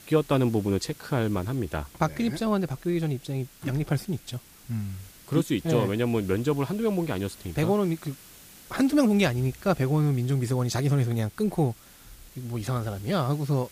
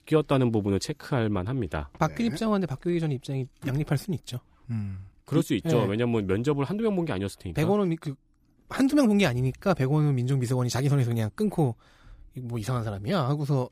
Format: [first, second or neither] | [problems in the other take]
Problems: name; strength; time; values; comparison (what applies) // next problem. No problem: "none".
second | hiss; faint; throughout; 20 dB below the speech